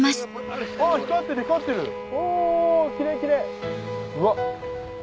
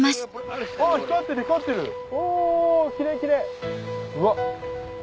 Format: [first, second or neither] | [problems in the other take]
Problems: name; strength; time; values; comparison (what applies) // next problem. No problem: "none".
second | background sound (Bowed string instrument); 16 dB below the speech